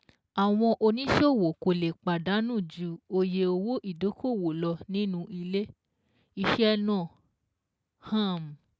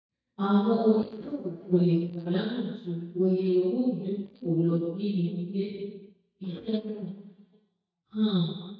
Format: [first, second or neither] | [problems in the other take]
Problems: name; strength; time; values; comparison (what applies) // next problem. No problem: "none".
first | noise reduction (neural mask model DeepFilterNet 3)